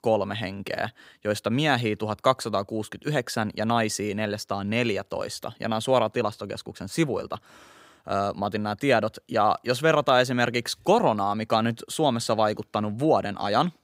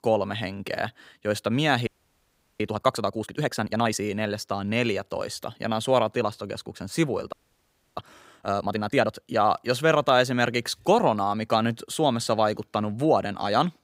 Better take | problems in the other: first | audio freezing; at 2 s for 0.5 s and at 7.5 s for 0.5 s

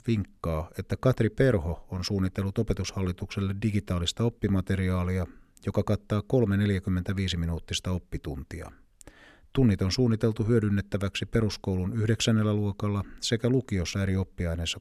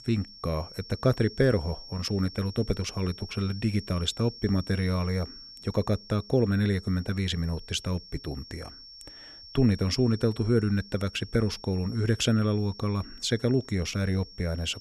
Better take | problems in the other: first | high-pitched whine; noticeable; throughout; 5.5 kHz, 15 dB below the speech

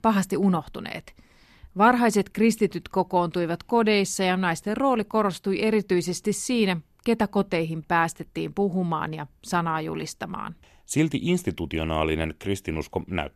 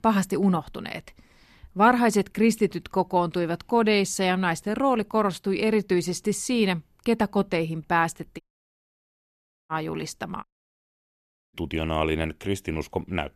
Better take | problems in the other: first | audio cutting out; at 8.5 s for 1.5 s and at 10 s for 1 s

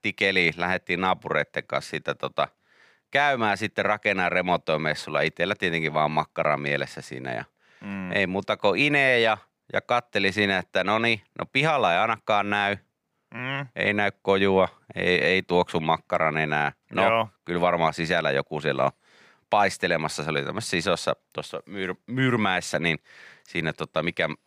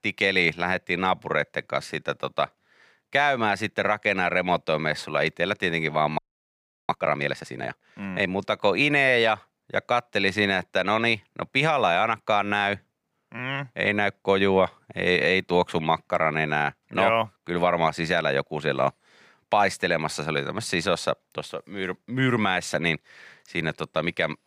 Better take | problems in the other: first | audio freezing; at 6 s for 0.5 s

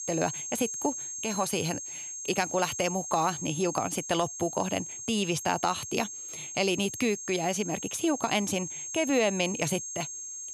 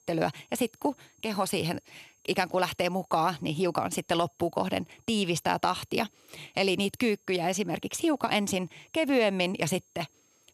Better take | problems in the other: second | high-pitched whine; loud; throughout; 6.5 kHz, 6 dB below the speech; faint in the second

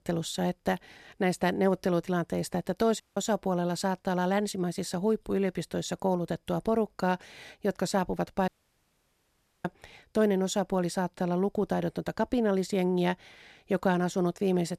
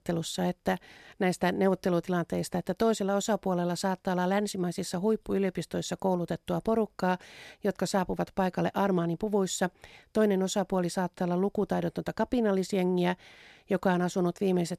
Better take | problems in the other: second | audio cutting out; at 3 s and at 8.5 s for 1 s

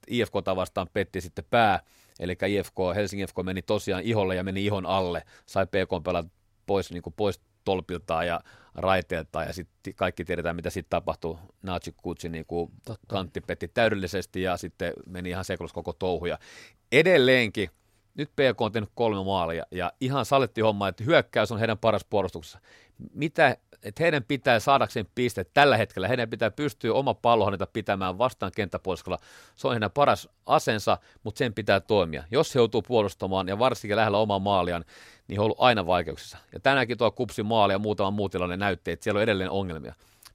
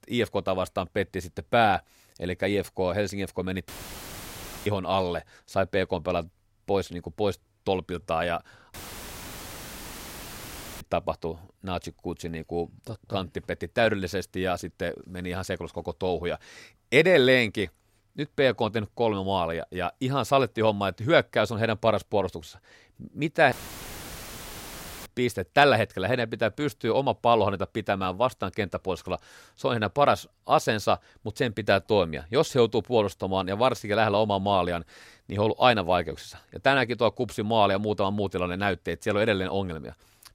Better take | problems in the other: first | audio cutting out; filled with static; at 3.5 s for 1 s, at 8.5 s for 2 s and at 24 s for 1.5 s

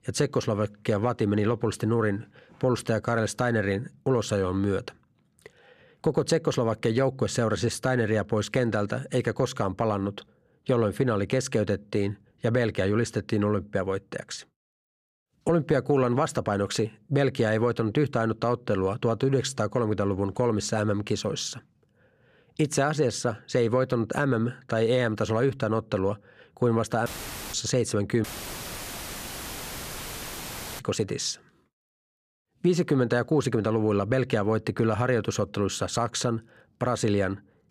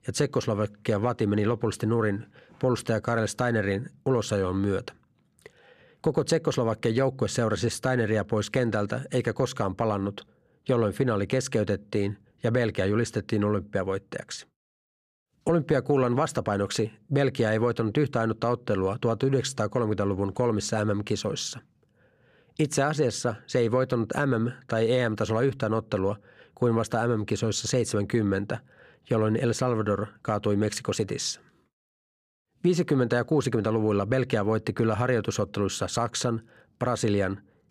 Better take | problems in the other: second | audio cutting out; filled with static; at 27 s and at 28 s for 2.5 s

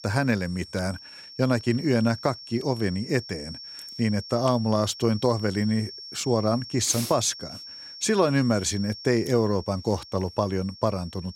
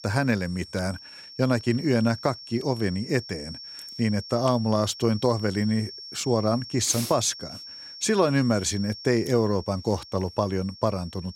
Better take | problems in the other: neither | high-pitched whine; noticeable; throughout; 5.5 kHz, 15 dB below the speech; the same in both

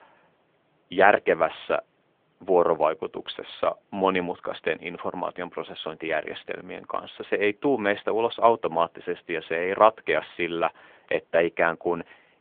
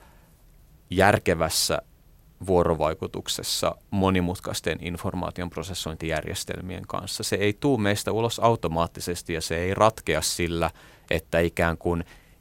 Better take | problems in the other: second | phone-call audio

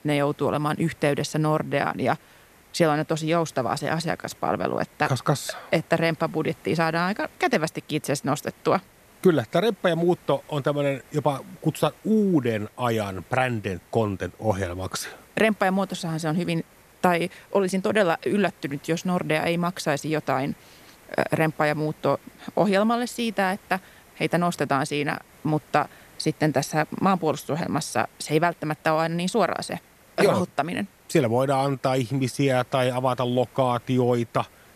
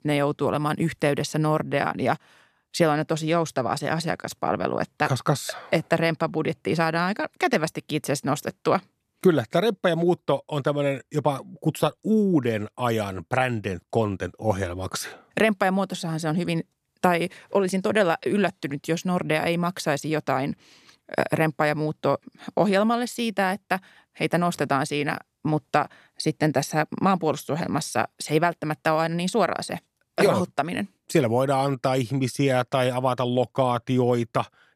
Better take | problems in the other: second | hiss; faint; throughout; 25 dB below the speech

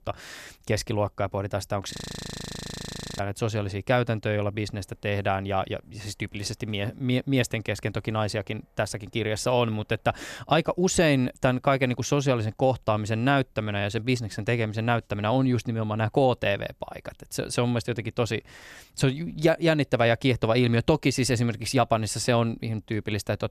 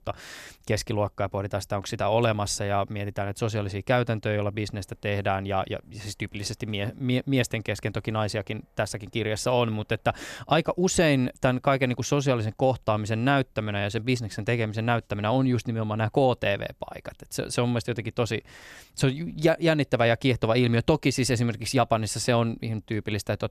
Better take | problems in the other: second | audio freezing; at 2 s for 1.5 s

